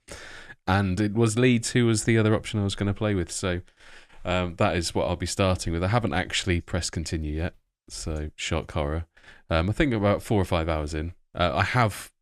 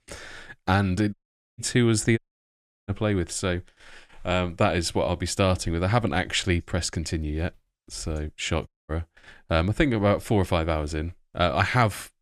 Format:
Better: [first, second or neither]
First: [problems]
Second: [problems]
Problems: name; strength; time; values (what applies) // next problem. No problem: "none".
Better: first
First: none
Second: audio cutting out; at 1 s, at 2 s for 0.5 s and at 8.5 s